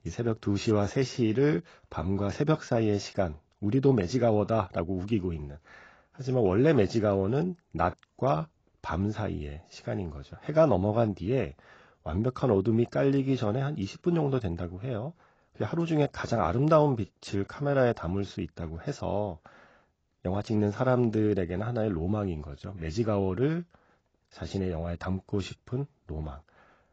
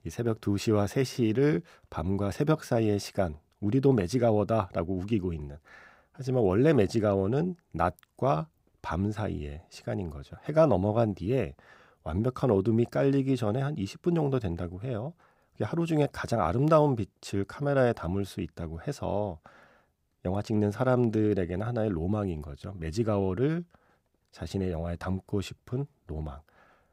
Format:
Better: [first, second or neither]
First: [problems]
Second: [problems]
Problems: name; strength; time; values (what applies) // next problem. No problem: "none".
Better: second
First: garbled, watery; badly; nothing above 7.5 kHz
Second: none